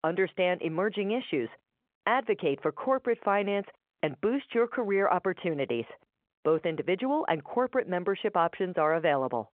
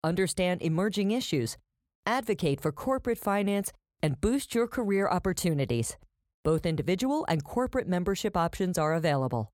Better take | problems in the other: second | phone-call audio

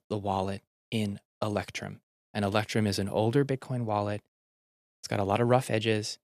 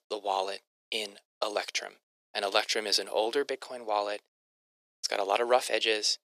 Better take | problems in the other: first | thin; very; fading below 400 Hz

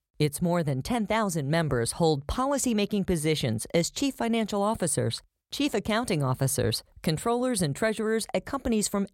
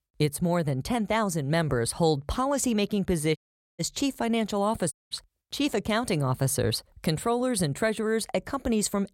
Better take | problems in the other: first | audio cutting out; at 3.5 s and at 5 s

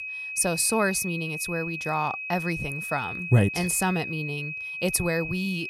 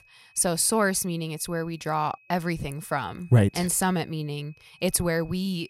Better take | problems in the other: second | high-pitched whine; loud; throughout; 2.5 kHz, 5 dB below the speech; faint in the second

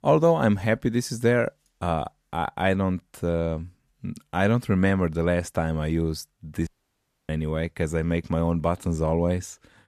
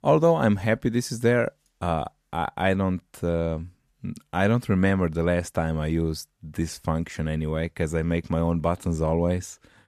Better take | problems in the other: second | audio cutting out; at 6.5 s for 0.5 s

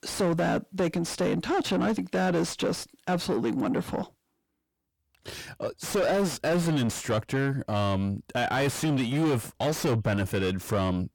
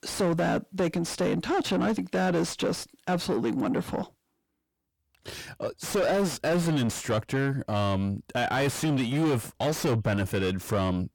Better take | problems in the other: neither | distortion; heavy; 6 dB below the speech; the same in both

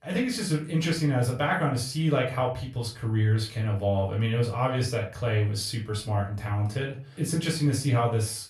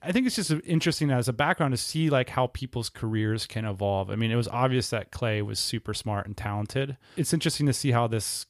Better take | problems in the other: second | room echo; slight; dies away in 0.3 s // off-mic speech; far

